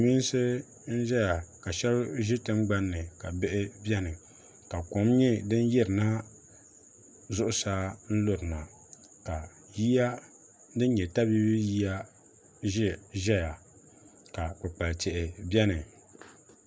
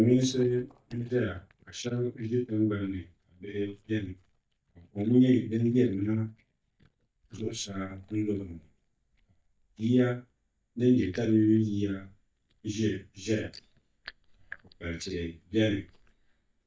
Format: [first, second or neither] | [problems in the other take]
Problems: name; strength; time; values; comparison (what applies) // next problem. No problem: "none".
first | noise reduction (neural mask model DeepFilterNet 3)